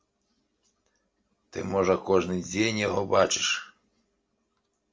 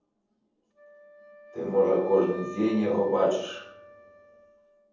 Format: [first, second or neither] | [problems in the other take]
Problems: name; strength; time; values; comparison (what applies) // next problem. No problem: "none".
first | background sound (Wind instrument, woodwind instrument); 19 dB below the speech // room echo; dies away in 0.7 s